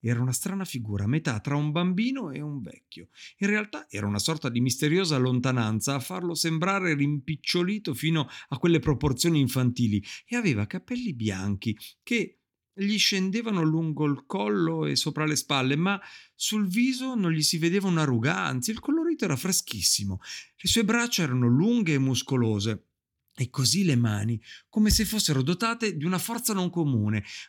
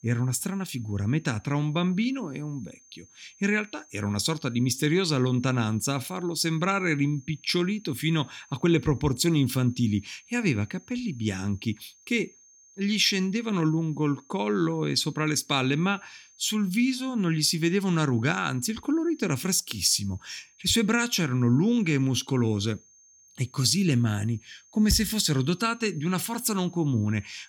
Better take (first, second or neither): first